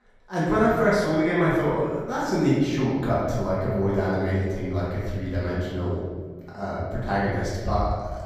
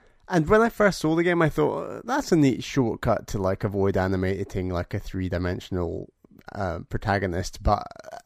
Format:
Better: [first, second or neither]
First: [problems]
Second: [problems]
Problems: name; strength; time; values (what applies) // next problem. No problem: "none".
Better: second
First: room echo; strong; dies away in 1.4 s // off-mic speech; far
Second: none